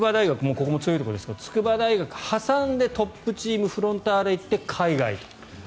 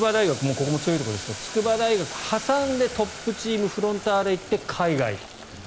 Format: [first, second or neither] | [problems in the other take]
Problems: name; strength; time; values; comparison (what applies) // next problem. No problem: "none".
first | background sound (Boiling); 13 dB below the speech